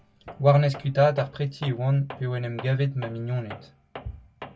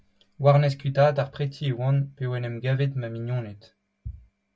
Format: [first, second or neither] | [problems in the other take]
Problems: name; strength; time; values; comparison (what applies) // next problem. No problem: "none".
second | background sound (Tools); 18 dB below the speech